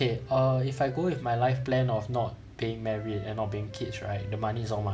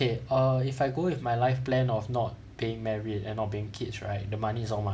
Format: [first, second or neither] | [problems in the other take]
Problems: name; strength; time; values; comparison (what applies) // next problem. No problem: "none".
second | background sound (Wind instrument, woodwind instrument); 20 dB below the speech